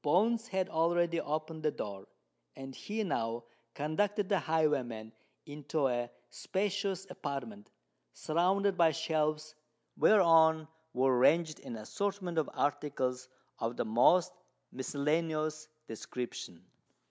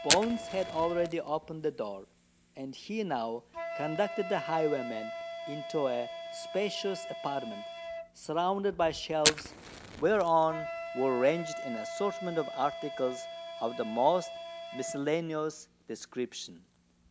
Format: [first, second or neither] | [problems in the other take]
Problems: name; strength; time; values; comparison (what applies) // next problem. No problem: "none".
first | background sound (Fire + Wind instrument, woodwind instrument); 7 dB below the speech